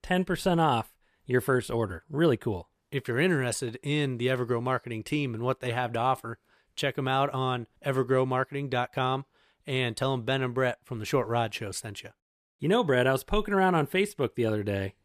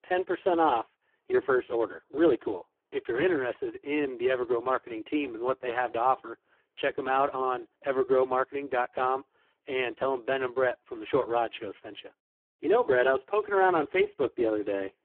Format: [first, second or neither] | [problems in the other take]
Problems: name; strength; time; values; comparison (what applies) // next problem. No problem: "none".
first | phone-call audio; poor line